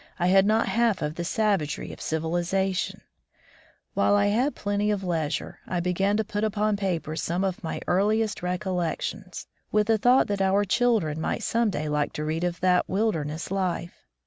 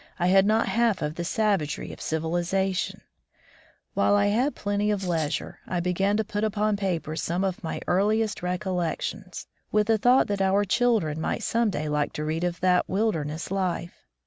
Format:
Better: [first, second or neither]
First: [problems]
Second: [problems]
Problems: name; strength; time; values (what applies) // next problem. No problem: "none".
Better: first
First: none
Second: background sound (Rattle (instrument)); 16 dB below the speech